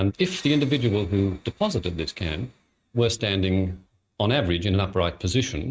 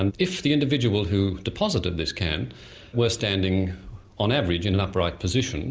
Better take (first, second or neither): second